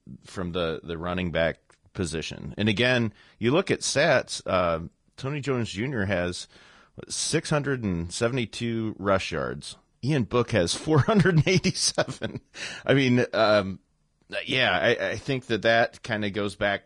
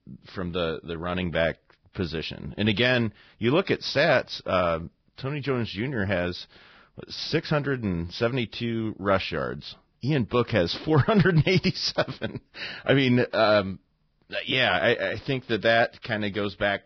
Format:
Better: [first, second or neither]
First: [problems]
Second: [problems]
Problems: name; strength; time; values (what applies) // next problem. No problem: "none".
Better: first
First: garbled, watery; slightly; nothing above 10 kHz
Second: garbled, watery; badly; nothing above 5.5 kHz